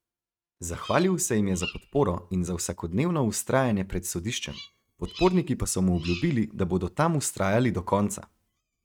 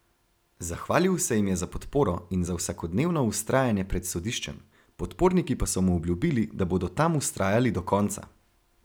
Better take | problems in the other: second | noise reduction (neural mask model RNNoise)

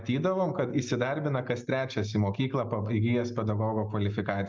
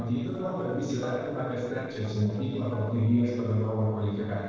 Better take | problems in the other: first | noise reduction (neural separator model SepFormer DNS4)

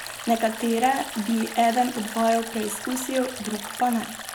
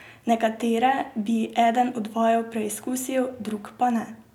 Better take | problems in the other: second | background sound (Stream); 11 dB below the speech

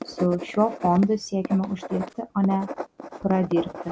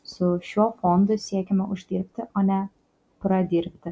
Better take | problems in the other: second | background sound (Writing); 11 dB below the speech

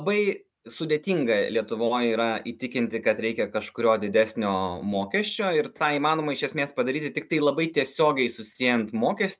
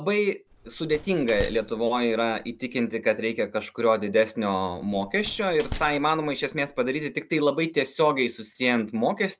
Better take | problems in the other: first | background sound (Slam); 15 dB below the speech

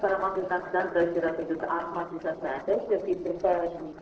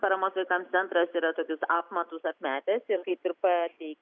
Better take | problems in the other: second | noise reduction (neural separator model SepFormer DNS4)

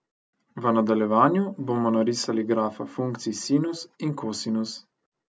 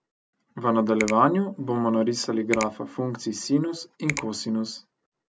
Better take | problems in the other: first | background sound (Finger snapping); 12 dB below the speech

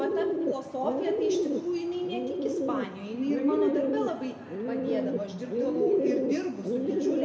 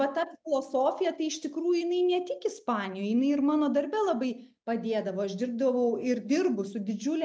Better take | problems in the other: second | background sound (Bird); 3 dB above the speech // room echo; dies away in 1.6 s

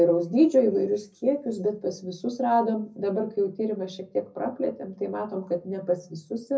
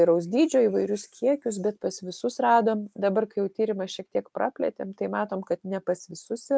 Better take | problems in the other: second | room echo; dies away in 0.4 s

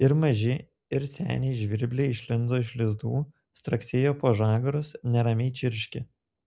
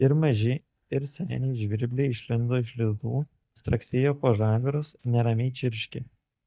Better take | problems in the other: first | noise reduction (neural mask model DeepFilterNet 3)

